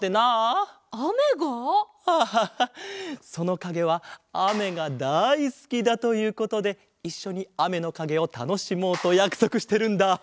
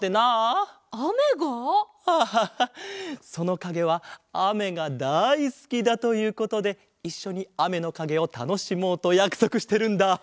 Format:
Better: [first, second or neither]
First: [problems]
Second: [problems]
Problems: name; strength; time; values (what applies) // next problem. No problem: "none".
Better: second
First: background sound (Clapping); 17 dB below the speech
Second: none